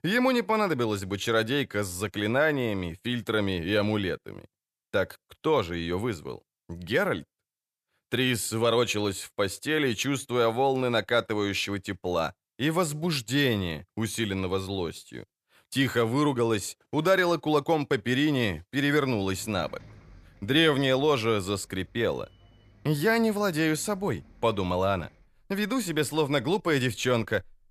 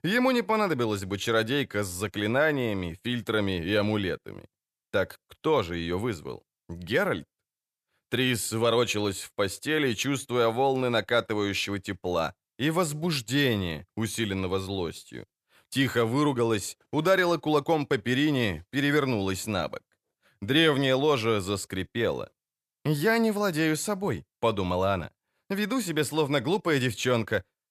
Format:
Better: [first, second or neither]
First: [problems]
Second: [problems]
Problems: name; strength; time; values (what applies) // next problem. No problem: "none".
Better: second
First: traffic noise; faint; from 19 s on; 30 dB below the speech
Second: none